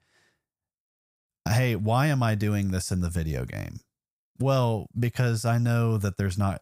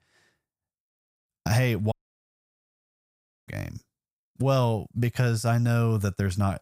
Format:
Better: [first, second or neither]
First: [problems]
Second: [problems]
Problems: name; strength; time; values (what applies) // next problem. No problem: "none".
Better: first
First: none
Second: audio cutting out; at 2 s for 1.5 s